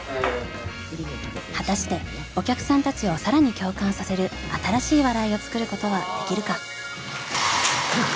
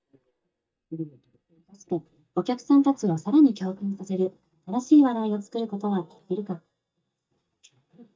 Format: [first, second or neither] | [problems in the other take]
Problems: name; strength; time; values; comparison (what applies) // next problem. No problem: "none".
first | noise reduction (neural mask model DeepFilterNet 3)